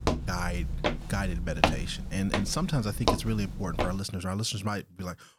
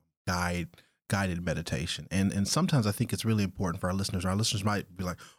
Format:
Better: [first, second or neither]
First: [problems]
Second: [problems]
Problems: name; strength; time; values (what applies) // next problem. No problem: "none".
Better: second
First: footsteps; loud; until 4 s; peak 6 dB above the speech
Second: none